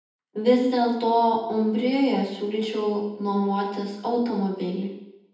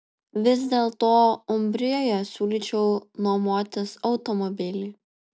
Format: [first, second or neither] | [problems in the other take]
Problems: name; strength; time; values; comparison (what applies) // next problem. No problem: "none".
second | room echo; dies away in 0.9 s